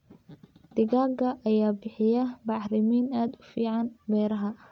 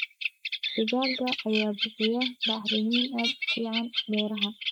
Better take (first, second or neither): first